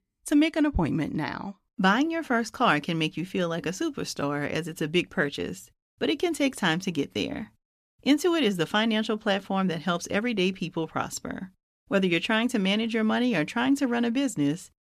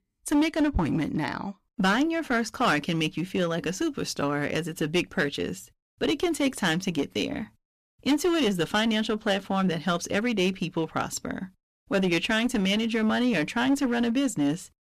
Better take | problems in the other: first | distortion; slight; 8% of the sound clipped

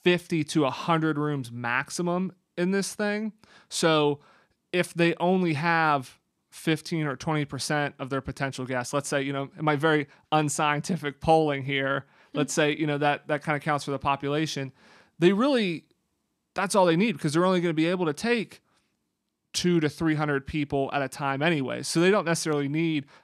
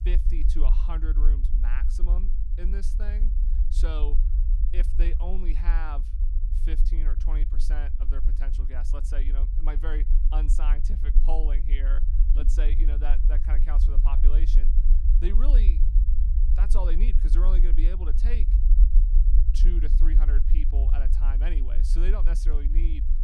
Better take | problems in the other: first | low rumble; loud; throughout; 7 dB below the speech

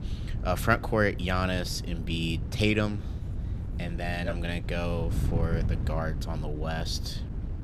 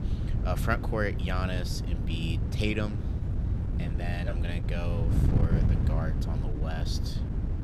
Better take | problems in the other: first | wind noise on the microphone; heavy; 6 dB below the speech; occasional gusts in the first

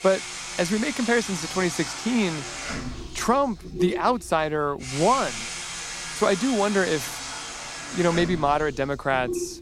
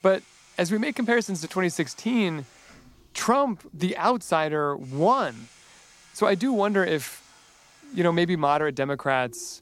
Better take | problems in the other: second | household noises; loud; throughout; 7 dB below the speech; faint in the second

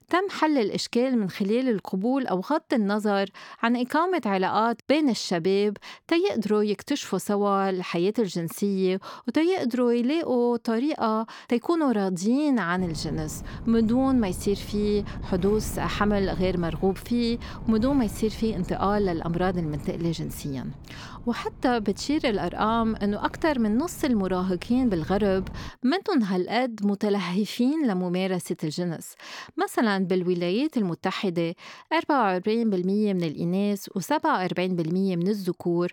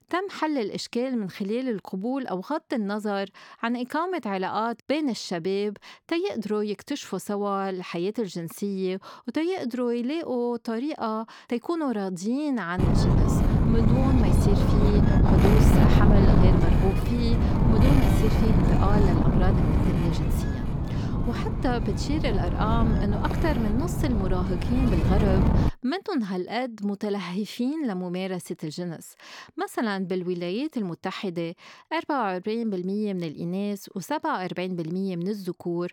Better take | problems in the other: first | wind noise on the microphone; heavy; from 13 to 26 s; as loud as the speech; occasional gusts in the first

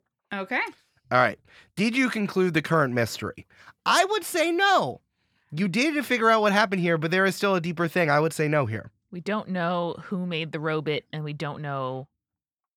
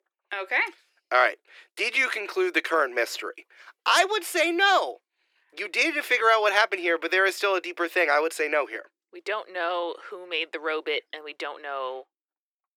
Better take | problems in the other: first | thin; very; fading below 350 Hz

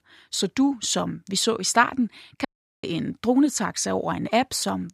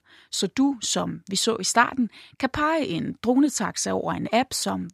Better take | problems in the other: second | audio cutting out; at 2.5 s

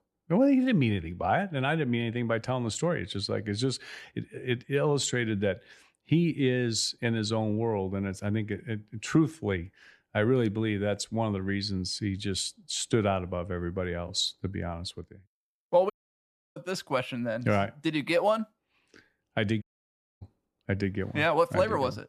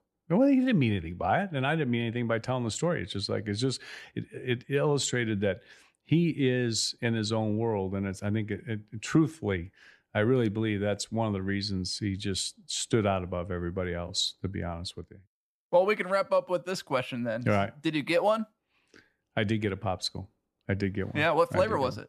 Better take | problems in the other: second | audio cutting out; at 16 s for 0.5 s and at 20 s for 0.5 s

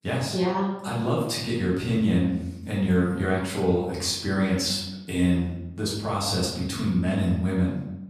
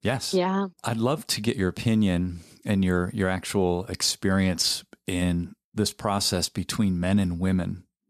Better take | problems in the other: second | room echo; noticeable; dies away in 0.8 s // off-mic speech; far

